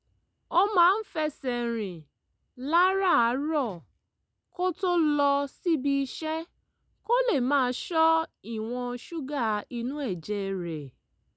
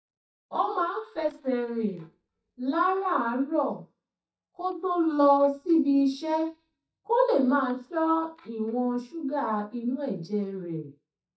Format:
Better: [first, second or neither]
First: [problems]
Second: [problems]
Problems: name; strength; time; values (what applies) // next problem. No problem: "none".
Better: first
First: none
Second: noise reduction (neural mask model DeepFilterNet 3)